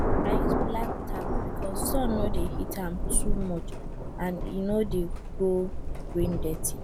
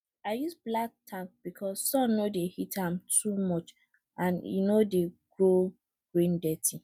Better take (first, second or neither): second